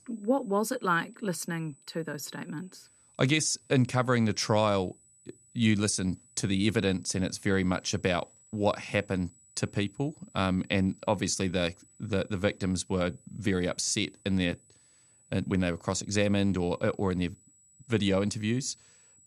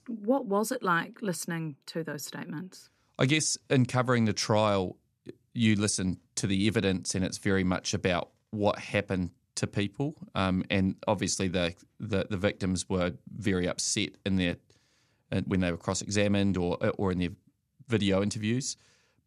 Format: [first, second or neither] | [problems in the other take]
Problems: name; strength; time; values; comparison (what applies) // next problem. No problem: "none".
second | high-pitched whine; faint; throughout; 8 kHz, 30 dB below the speech